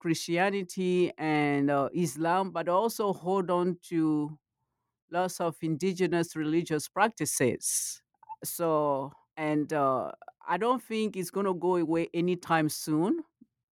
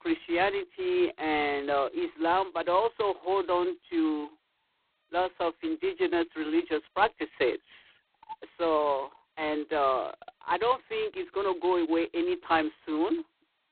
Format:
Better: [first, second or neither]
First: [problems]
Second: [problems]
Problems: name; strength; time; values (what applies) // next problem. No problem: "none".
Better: first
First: none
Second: phone-call audio; poor line; nothing above 4 kHz